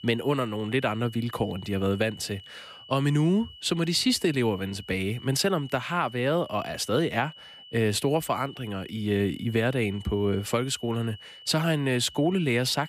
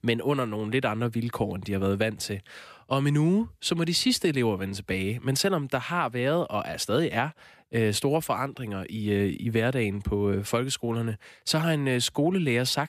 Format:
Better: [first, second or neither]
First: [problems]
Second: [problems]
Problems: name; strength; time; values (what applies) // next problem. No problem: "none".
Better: second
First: high-pitched whine; noticeable; throughout; 3 kHz, 20 dB below the speech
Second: none